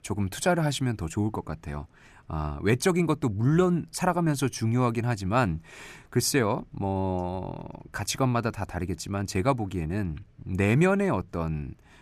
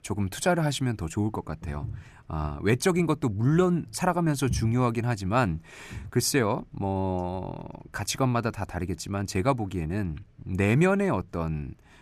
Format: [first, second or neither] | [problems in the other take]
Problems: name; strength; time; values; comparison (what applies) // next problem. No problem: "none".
first | footsteps; noticeable; from 1.5 to 6 s; peak 6 dB below the speech